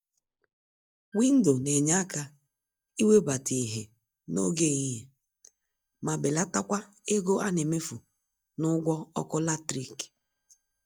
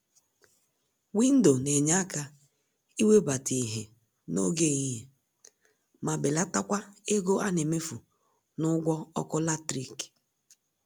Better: second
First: noise reduction (neural mask model DeepFilterNet 3)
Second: none

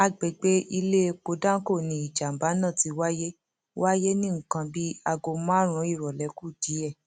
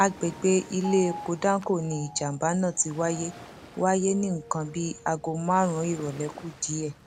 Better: first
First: none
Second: background sound (Waves, surf + Piano); 17 dB below the speech

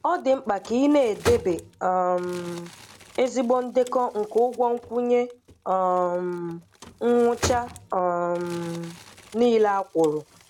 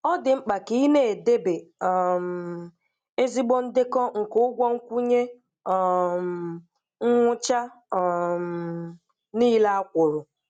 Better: second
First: background sound (Crumpling, crinkling); 16 dB below the speech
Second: none

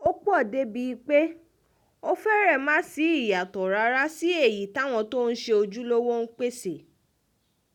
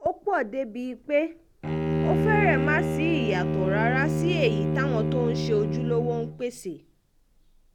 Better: first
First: none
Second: background sound (Bowed string instrument); 1 dB above the speech

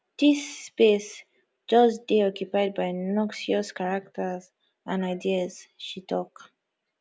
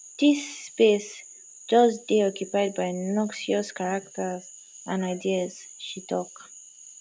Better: first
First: none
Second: background sound (Frog); 20 dB below the speech

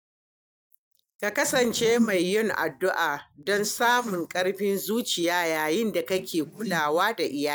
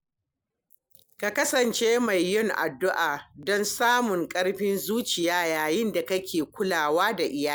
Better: second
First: noise reduction (neural mask model DeepFilterNet 3)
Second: none

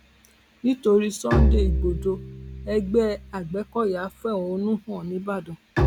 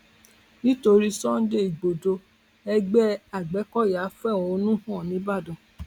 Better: second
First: background sound (Bowed string instrument); 1 dB below the speech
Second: none

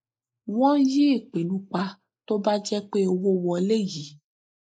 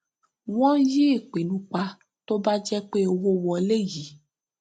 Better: second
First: noise reduction (neural mask model Resemble Enhance denoiser)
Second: none

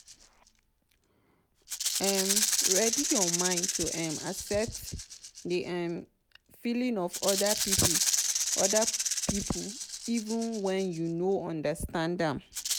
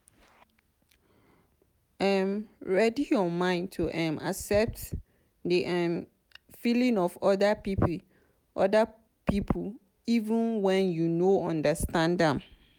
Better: second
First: background sound (Rattle (instrument)); as loud as the speech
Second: none

